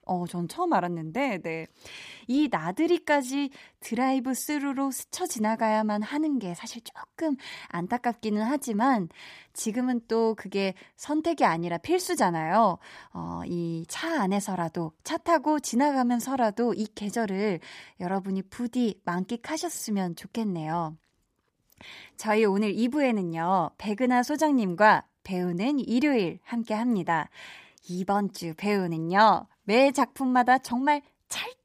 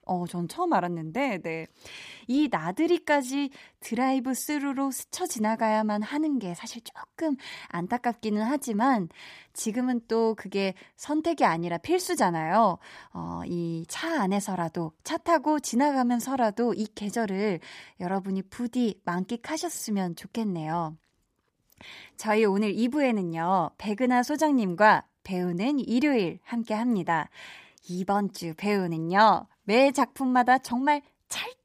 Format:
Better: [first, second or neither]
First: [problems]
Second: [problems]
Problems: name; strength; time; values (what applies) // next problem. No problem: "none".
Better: neither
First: none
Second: none